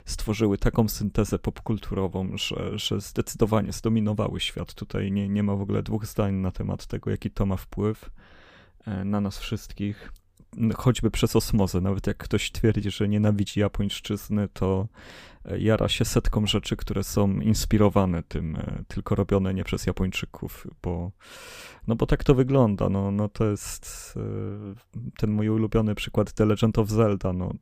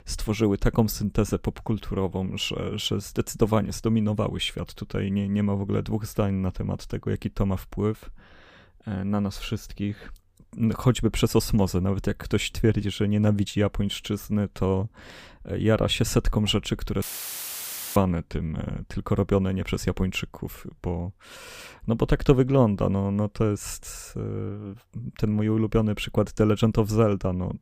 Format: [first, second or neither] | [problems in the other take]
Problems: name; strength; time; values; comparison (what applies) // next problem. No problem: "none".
first | audio cutting out; filled with static; at 17 s for 1 s